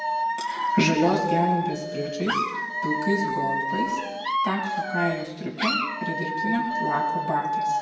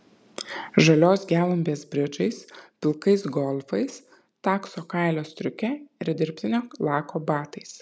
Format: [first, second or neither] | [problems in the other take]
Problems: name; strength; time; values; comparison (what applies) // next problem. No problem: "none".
second | background sound (Alarm / Dog); 1 dB above the speech // room echo; dies away in 1.1 s